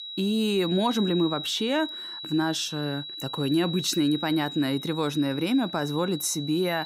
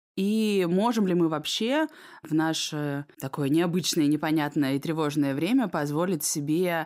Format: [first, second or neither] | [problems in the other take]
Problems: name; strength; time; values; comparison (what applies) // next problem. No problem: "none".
second | high-pitched whine; loud; throughout; 4 kHz, 8 dB below the speech